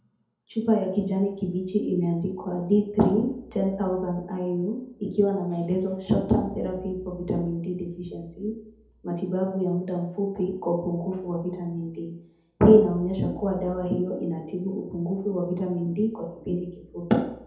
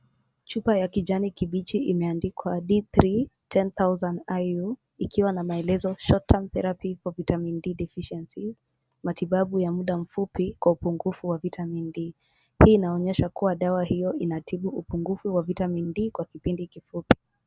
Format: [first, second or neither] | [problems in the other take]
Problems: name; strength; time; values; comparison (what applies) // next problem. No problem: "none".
second | room echo; dies away in 2 s